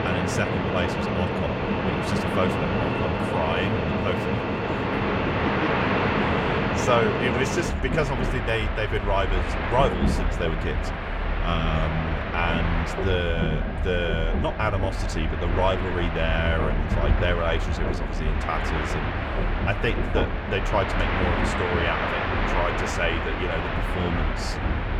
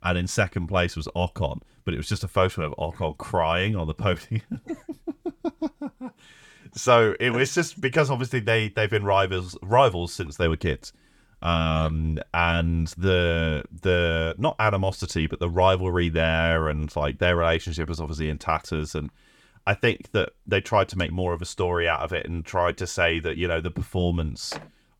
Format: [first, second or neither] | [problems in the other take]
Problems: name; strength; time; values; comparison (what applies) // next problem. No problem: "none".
second | train or aircraft noise; very loud; throughout; 2 dB above the speech